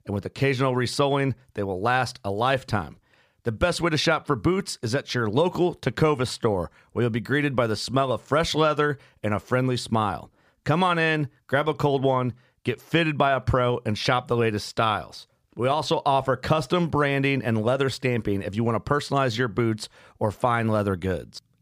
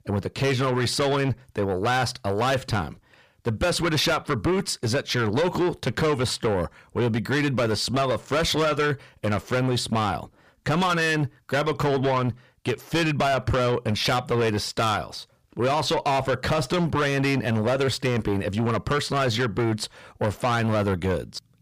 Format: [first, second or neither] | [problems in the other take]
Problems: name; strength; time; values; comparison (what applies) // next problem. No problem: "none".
first | distortion; heavy; 7 dB below the speech